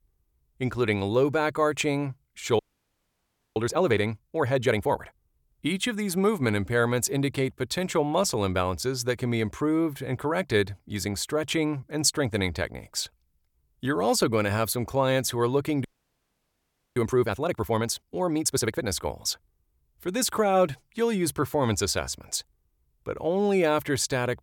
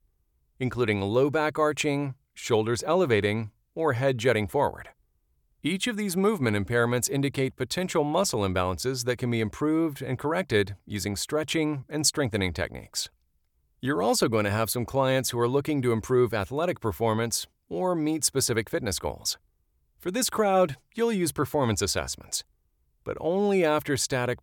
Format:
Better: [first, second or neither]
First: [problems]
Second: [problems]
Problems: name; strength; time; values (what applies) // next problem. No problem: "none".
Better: second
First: audio freezing; at 2.5 s for 1 s and at 16 s for 1 s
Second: none